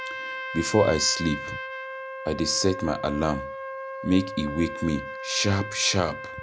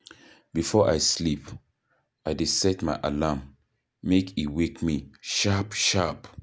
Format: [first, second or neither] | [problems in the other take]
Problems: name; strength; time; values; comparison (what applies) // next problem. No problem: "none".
second | background sound (Trumpet); 8 dB below the speech